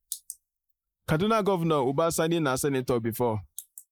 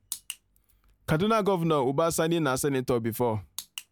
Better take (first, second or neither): second